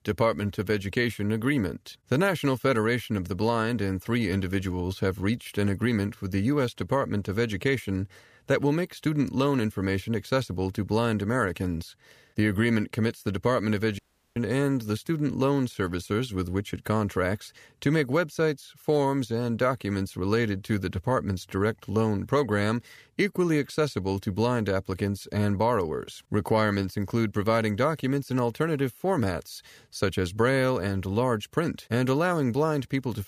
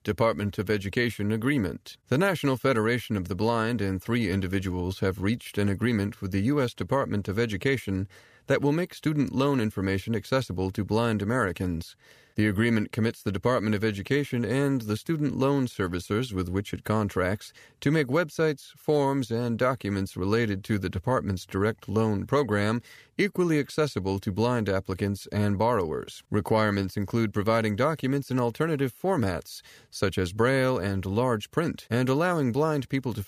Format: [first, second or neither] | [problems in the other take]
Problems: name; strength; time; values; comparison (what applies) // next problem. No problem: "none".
second | audio cutting out; at 14 s